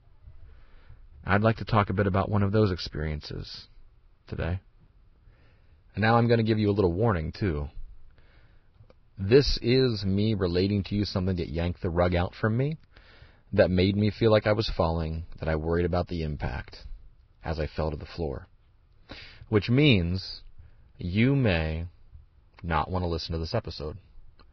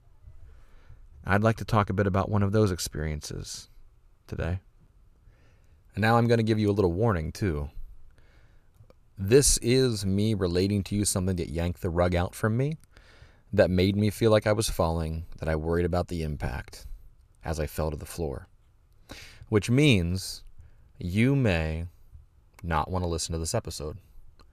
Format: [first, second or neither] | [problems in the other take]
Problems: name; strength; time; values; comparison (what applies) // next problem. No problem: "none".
second | garbled, watery; badly; nothing above 5.5 kHz